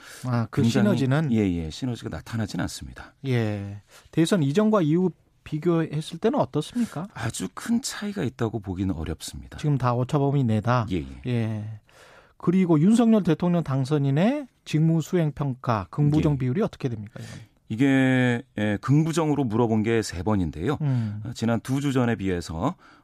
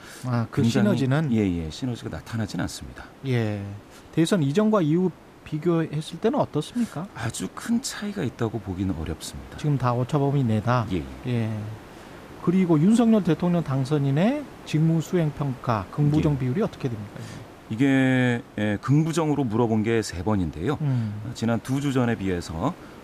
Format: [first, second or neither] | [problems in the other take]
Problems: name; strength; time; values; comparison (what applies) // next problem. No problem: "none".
first | hiss; faint; throughout; 20 dB below the speech